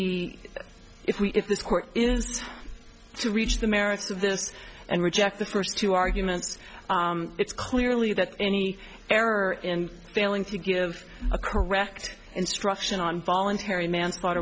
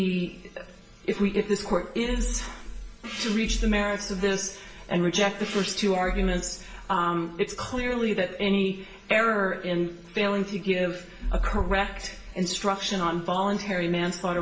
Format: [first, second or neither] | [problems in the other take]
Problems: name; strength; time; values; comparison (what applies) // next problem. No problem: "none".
first | background sound (Gong); 16 dB below the speech // room echo; dies away in 1 s